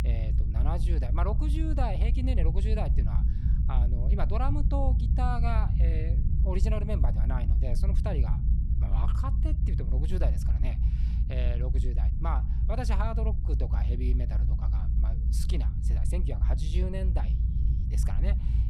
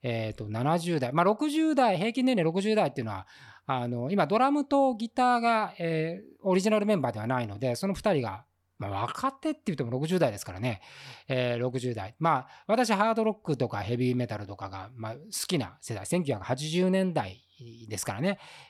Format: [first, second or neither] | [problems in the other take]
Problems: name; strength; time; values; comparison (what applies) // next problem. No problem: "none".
second | low rumble; loud; throughout; 6 dB below the speech